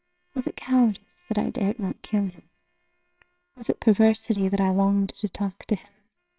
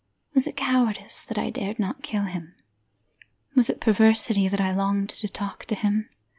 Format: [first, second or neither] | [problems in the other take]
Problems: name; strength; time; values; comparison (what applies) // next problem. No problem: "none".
second | noise reduction (neural separator model SepFormer WHAMR!)